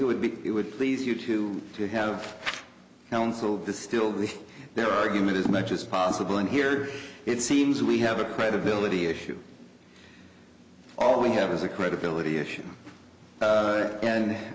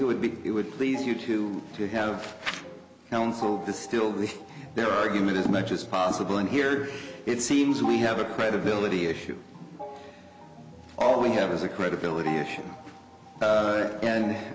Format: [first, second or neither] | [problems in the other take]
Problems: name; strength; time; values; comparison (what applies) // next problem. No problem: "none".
first | background sound (Organ); 16 dB below the speech